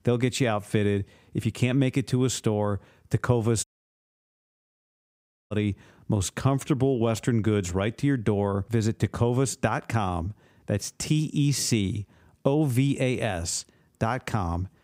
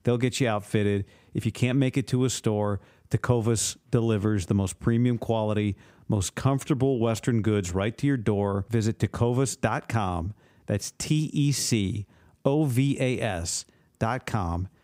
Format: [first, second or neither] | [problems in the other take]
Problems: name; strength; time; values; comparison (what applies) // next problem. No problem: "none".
second | audio cutting out; at 3.5 s for 2 s